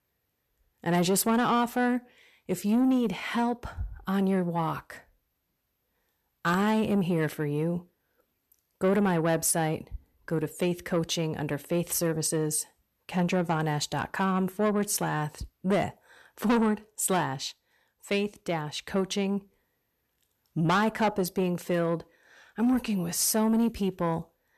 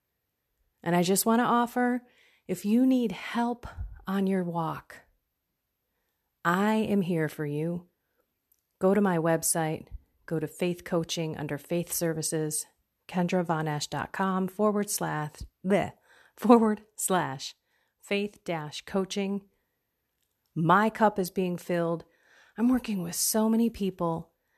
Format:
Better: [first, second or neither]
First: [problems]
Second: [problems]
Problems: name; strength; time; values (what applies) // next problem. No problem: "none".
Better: second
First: distortion; slight; 10 dB below the speech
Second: none